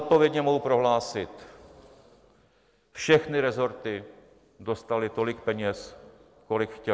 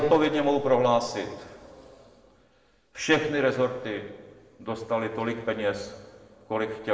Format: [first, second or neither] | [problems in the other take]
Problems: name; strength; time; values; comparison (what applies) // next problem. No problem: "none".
first | room echo; dies away in 1.6 s